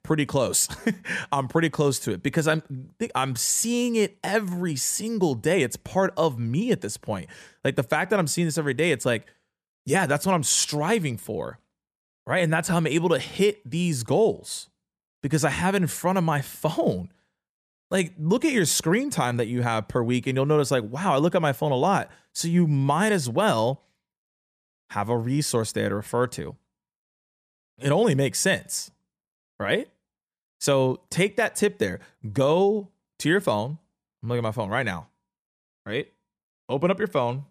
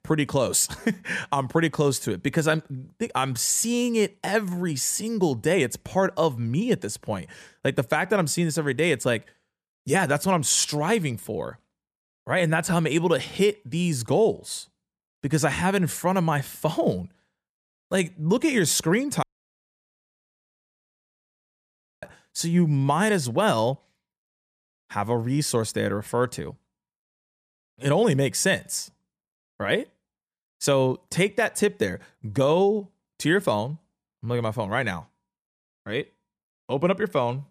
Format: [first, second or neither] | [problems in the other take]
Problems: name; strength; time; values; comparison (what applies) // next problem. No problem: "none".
first | audio cutting out; at 19 s for 3 s